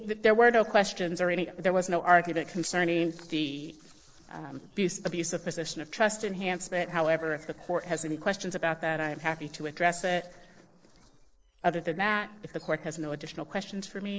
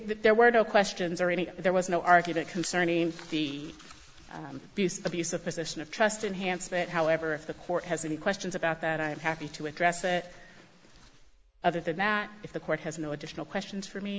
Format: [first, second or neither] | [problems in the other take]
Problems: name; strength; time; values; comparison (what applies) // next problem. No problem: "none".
second | noise reduction (neural separator model SepFormer DNS4)